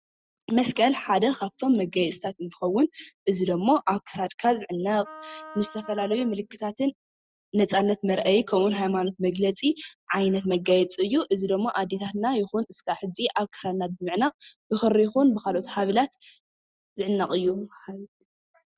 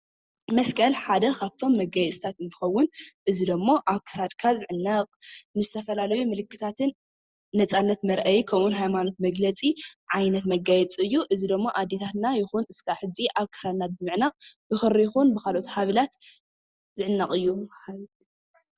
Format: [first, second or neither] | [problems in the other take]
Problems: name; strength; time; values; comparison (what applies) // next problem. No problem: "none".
second | noise reduction (neural mask model RNNoise)